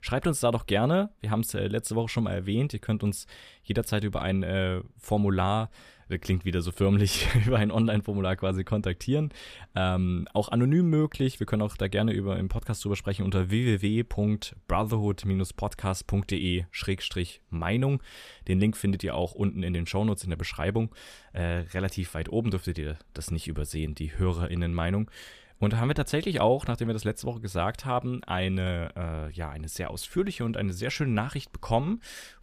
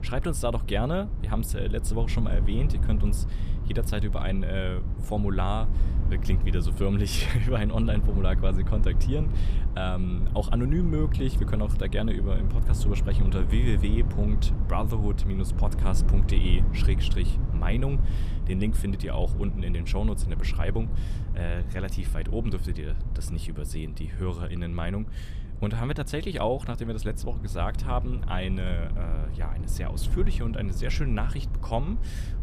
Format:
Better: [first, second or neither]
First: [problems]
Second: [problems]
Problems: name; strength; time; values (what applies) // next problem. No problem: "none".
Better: first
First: none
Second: low rumble; loud; throughout; 10 dB below the speech